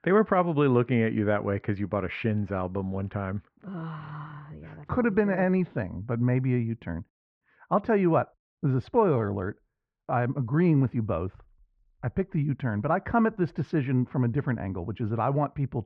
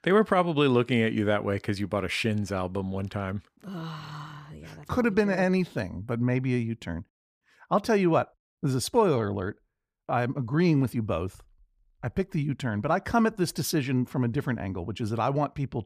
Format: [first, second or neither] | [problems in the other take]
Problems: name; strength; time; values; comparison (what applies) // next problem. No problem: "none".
second | muffled; very; fading above 2 kHz